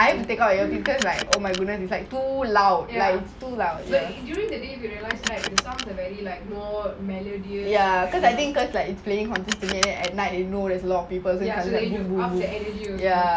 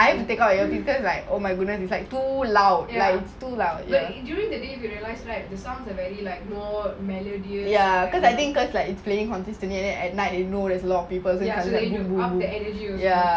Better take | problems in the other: second | background sound (Car); 11 dB below the speech

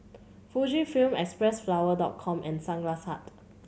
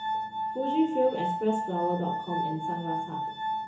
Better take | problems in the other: first | background sound (Glass); 1 dB below the speech // room echo; dies away in 0.7 s

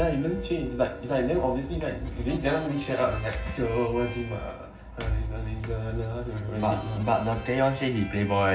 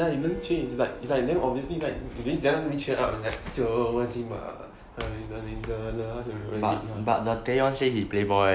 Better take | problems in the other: second | background sound (Harmonica); 19 dB below the speech // room echo; dies away in 0.4 s

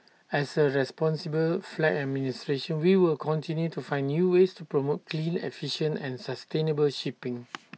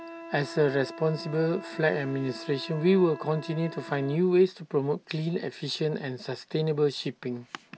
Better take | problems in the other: first | background sound (Wind instrument, woodwind instrument); 18 dB below the speech

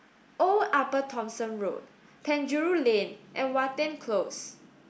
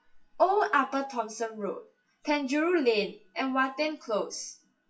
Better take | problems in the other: first | noise reduction (classical method WPE with log-MMSE)

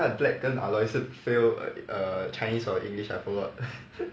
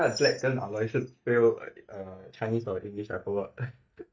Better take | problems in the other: first | noise reduction (neural mask model DeepFilterNet 3)

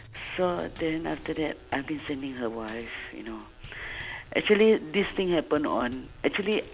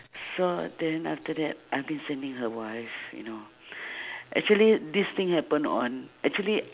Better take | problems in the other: second | background sound (Wind + Bass drum / Snare drum / Drum kit); 19 dB below the speech

